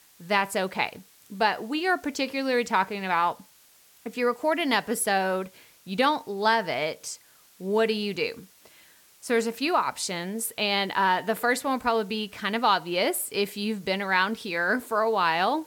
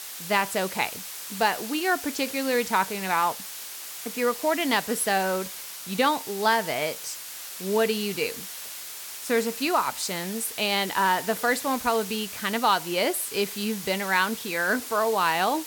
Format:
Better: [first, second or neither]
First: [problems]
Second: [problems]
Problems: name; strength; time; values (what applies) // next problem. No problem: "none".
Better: first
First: hiss; faint; throughout; 30 dB below the speech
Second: hiss; loud; throughout; 9 dB below the speech